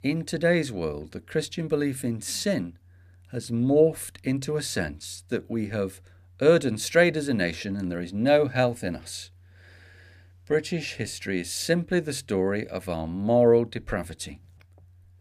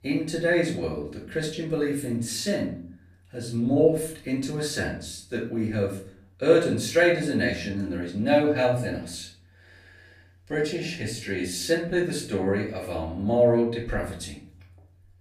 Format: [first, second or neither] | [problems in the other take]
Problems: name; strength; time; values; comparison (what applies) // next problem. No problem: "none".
first | off-mic speech; far // room echo; slight; dies away in 0.4 s